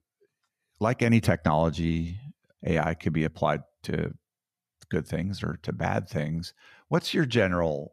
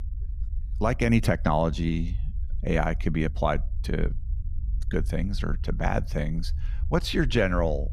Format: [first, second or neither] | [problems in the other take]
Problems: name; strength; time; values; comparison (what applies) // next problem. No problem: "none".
first | low rumble; faint; throughout; 25 dB below the speech